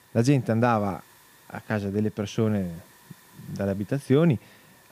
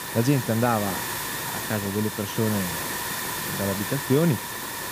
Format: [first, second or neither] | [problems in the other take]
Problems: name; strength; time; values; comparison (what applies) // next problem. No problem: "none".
first | hiss; loud; throughout; 3 dB below the speech; faint in the first